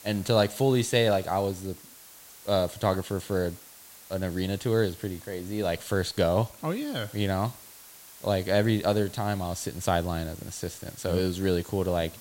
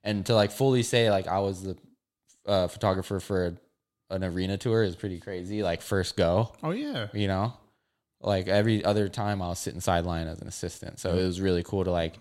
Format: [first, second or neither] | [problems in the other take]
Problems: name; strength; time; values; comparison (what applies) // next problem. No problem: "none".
second | hiss; noticeable; throughout; 20 dB below the speech